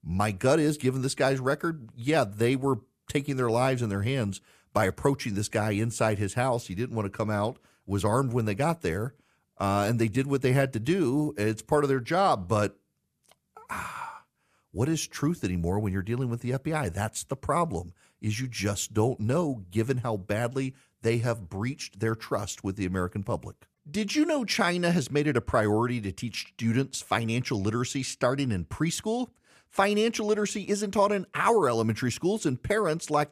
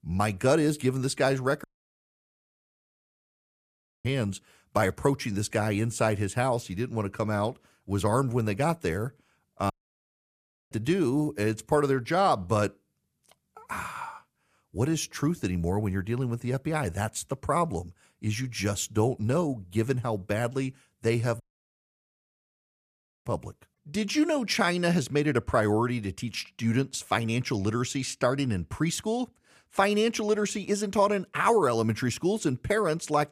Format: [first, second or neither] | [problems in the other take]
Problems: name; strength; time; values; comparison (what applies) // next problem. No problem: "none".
first | audio cutting out; at 1.5 s for 2.5 s, at 9.5 s for 1 s and at 21 s for 2 s